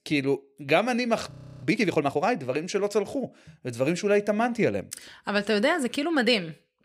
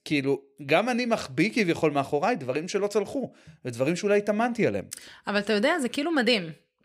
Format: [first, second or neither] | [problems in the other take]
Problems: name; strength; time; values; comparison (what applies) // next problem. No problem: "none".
second | audio freezing; at 1.5 s